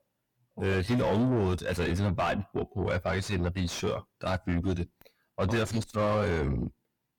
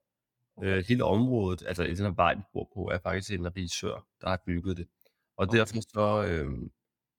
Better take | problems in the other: second | distortion; heavy; 6 dB below the speech

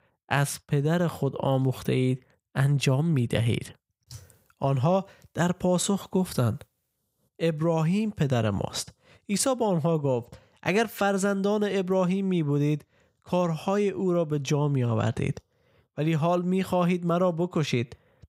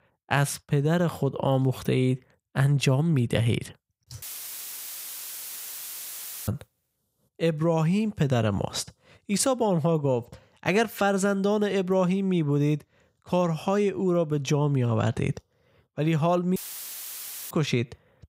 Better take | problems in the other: first | audio cutting out; filled with static; at 4 s for 2.5 s and at 17 s for 1 s

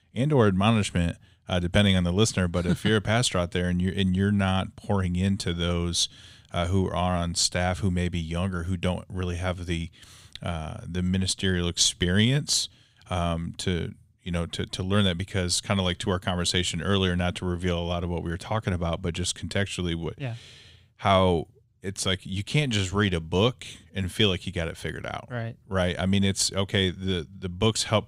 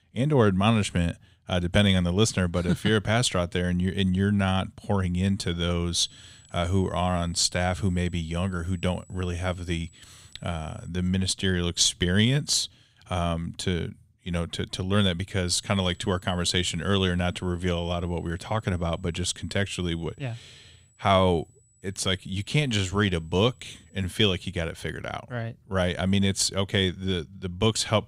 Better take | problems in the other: first | high-pitched whine; faint; from 6 to 11 s and from 15 to 24 s; 8 kHz, 30 dB below the speech

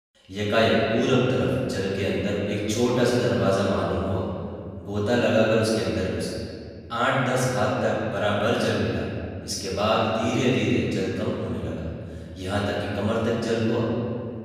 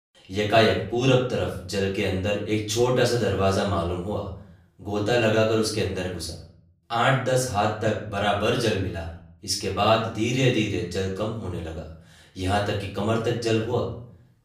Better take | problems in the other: second | room echo; strong; dies away in 2.1 s; slight in the second // off-mic speech; far; far in the second

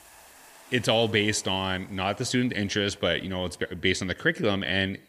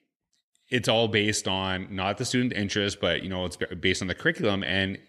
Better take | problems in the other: second | hiss; faint; throughout; 25 dB below the speech

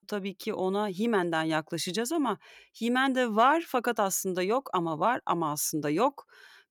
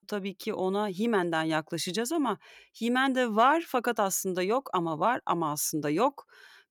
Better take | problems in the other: neither | none

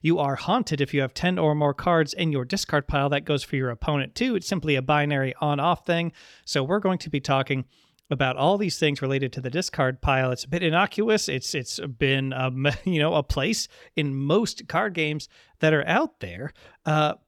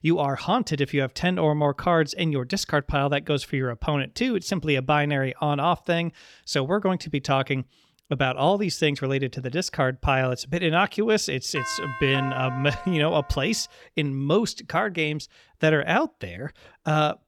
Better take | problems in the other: first | doorbell; noticeable; from 12 to 13 s; peak 7 dB below the speech

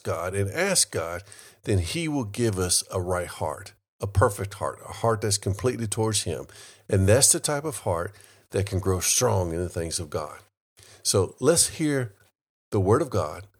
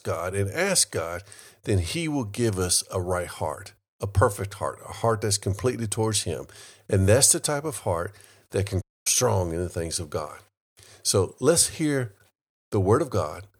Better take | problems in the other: first | audio cutting out; at 9 s

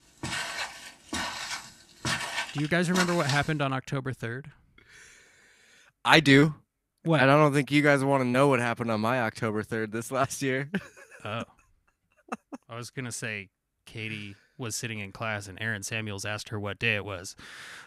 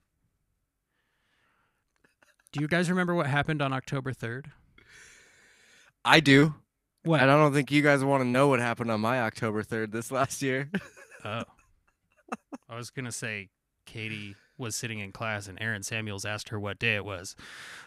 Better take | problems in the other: second | footsteps; noticeable; until 3.5 s; peak 3 dB below the speech

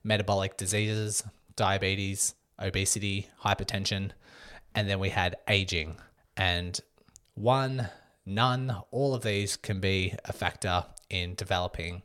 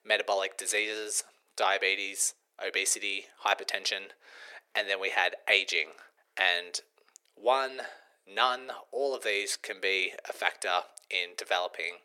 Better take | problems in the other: first | thin; very; fading below 350 Hz

